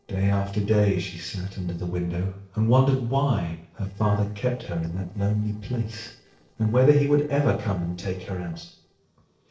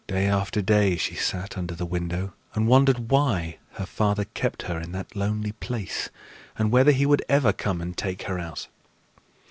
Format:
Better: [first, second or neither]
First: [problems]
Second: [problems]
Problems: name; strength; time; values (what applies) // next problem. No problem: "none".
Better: second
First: noise reduction (neural separator model SepFormer DNS4)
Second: none